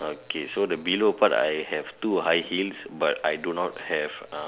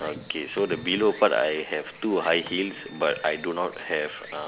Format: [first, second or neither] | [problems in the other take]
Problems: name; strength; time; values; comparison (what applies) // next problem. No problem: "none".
first | background sound (Insect + Printer); 18 dB below the speech